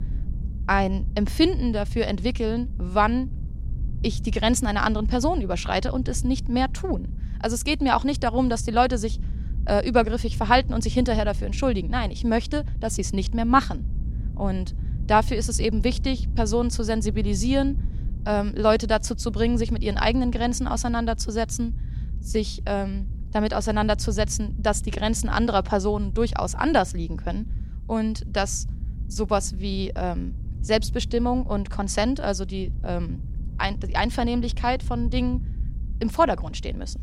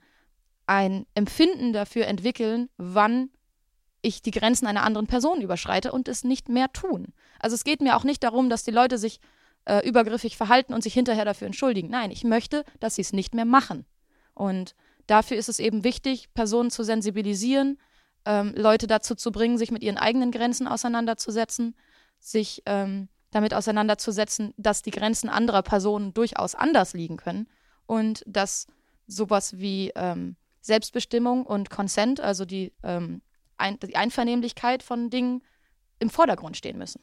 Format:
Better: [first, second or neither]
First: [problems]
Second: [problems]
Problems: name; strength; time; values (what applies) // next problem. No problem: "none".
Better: second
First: low rumble; faint; throughout; 20 dB below the speech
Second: none